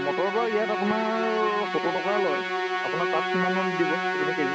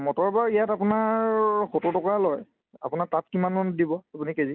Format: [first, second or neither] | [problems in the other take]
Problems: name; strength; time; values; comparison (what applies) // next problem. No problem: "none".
second | background sound (Musical instrument); as loud as the speech